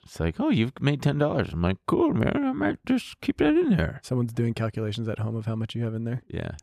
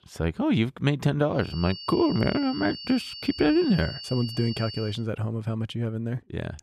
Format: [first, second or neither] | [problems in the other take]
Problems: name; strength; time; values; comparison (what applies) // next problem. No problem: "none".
first | high-pitched whine; noticeable; from 1.5 to 5 s; 4.5 kHz, 10 dB below the speech